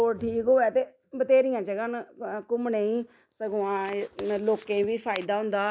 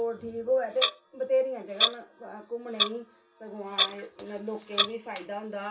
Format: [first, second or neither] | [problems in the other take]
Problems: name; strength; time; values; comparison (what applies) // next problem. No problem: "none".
first | background sound (Clock); as loud as the speech // room echo; dies away in 0.2 s